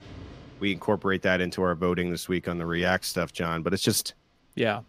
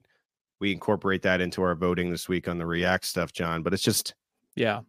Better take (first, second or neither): second